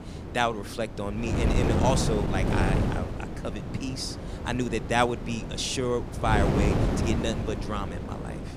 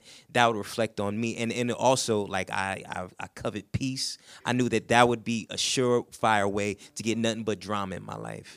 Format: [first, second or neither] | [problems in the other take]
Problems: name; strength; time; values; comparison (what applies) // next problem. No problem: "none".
second | wind noise on the microphone; heavy; 4 dB below the speech